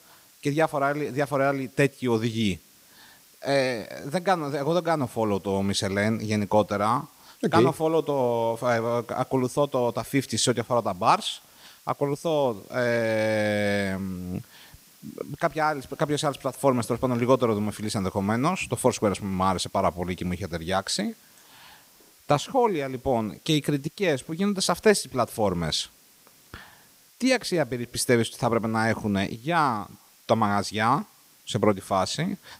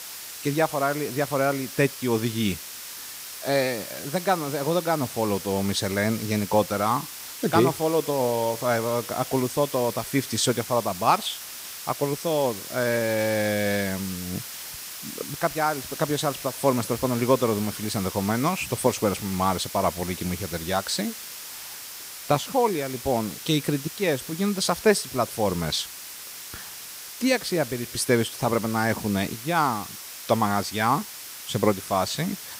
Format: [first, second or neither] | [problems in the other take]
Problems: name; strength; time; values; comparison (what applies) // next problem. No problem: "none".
first | hiss; loud; throughout; 10 dB below the speech; faint in the first